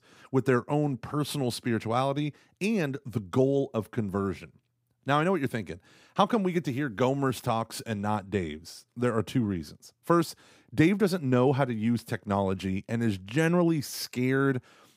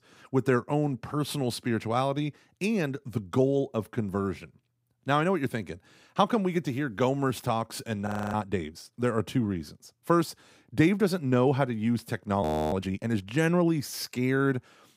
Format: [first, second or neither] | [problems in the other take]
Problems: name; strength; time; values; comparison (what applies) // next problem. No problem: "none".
first | audio freezing; at 8 s and at 12 s